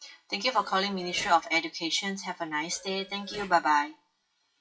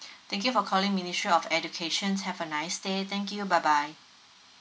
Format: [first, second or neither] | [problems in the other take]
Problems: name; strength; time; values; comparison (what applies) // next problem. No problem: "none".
second | noise reduction (classical method WPE with log-MMSE)